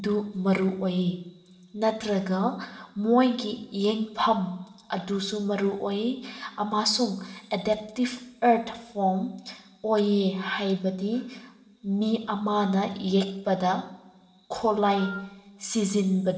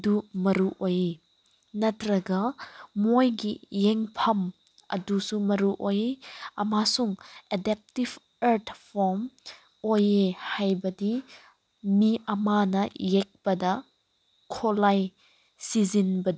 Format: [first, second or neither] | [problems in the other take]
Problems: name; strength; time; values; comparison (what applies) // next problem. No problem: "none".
second | background sound (Wind instrument, woodwind instrument); 14 dB below the speech // room echo; dies away in 0.9 s